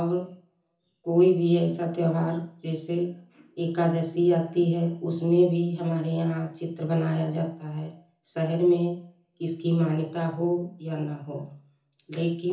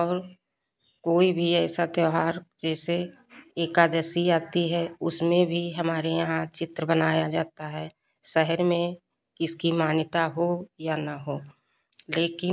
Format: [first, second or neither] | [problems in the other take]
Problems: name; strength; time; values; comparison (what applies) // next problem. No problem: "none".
second | room echo; dies away in 0.6 s